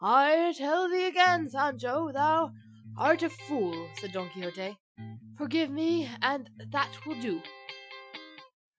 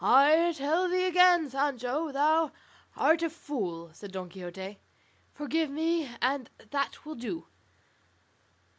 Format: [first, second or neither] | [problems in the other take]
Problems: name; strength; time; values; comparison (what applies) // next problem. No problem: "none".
second | noise reduction (classical method Wiener filter)